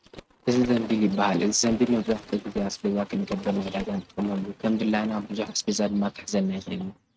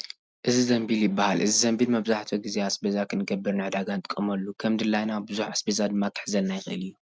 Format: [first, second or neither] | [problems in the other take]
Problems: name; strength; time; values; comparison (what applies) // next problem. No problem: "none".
second | noise reduction (neural mask model RNNoise)